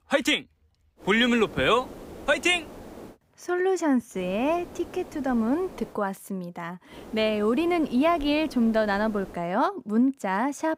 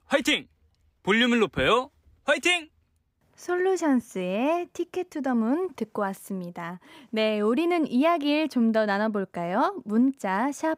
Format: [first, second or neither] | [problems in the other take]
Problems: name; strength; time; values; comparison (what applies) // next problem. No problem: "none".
second | hiss; noticeable; from 1 to 3 s, from 4 to 6 s and from 7 to 9.5 s; 20 dB below the speech